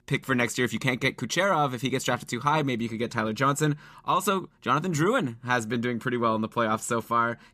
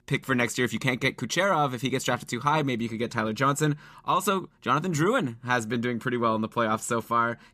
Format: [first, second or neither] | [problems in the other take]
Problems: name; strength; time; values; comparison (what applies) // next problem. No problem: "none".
neither | none